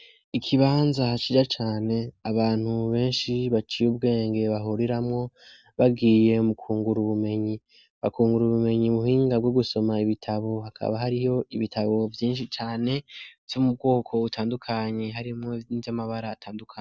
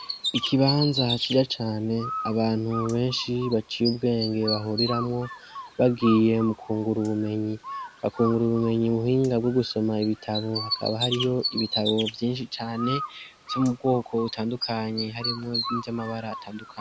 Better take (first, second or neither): first